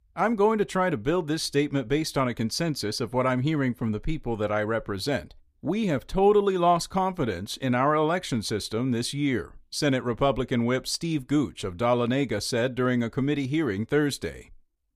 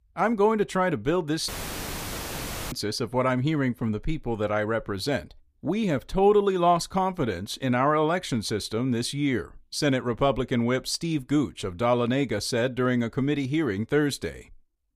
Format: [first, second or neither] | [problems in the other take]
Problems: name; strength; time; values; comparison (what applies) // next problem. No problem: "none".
first | audio cutting out; filled with static; at 1.5 s for 1 s